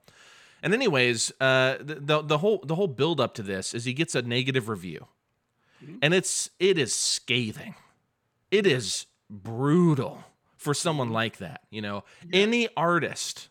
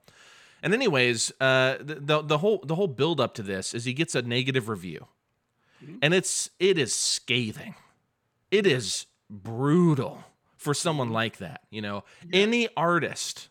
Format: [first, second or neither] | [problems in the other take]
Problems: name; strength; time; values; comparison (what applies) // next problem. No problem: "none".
neither | none